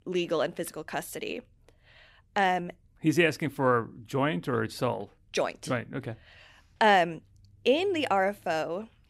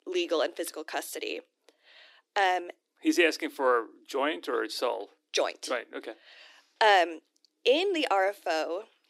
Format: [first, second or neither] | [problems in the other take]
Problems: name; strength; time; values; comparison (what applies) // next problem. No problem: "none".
first | thin; somewhat; fading below 300 Hz